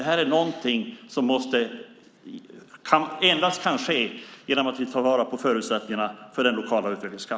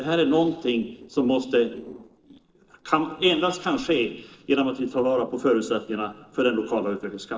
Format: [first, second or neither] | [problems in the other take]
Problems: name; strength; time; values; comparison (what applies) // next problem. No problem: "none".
first | noise reduction (neural separator model SepFormer DNS4)